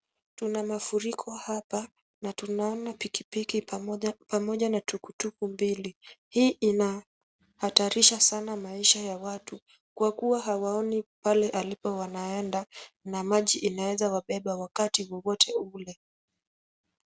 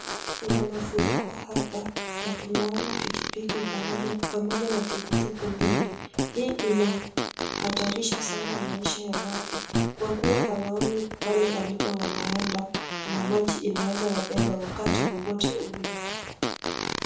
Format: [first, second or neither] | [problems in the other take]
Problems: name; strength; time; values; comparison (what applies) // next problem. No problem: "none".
first | background sound (Fart); as loud as the speech // room echo; dies away in 0.9 s